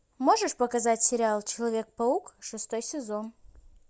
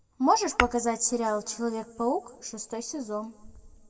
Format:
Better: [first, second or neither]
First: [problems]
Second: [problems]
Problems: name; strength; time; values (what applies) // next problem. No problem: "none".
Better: first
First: none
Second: background sound (Tap / Glass); 5 dB below the speech // room echo; dies away in 1.4 s